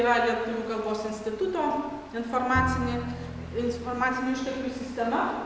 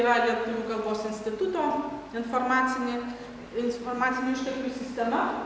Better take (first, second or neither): second